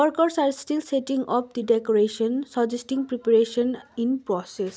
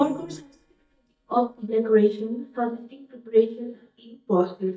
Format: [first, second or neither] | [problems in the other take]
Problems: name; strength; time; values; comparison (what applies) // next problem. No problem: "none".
first | noise reduction (neural mask model DeepFilterNet 3)